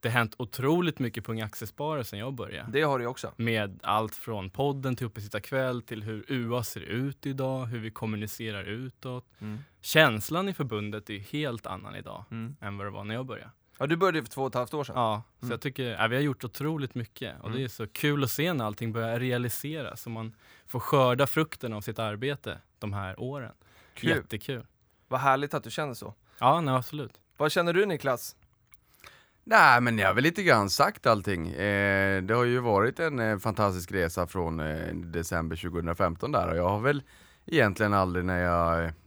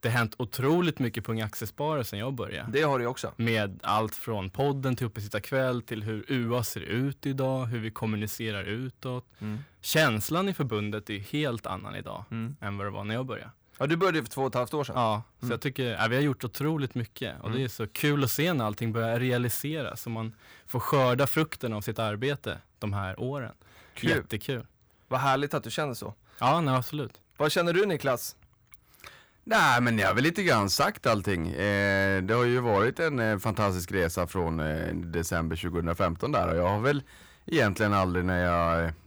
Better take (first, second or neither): first